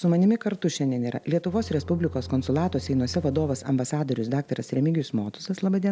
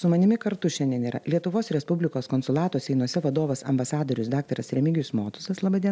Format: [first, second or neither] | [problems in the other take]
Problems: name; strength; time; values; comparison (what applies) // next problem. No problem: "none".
second | background sound (Bowed string instrument); 14 dB below the speech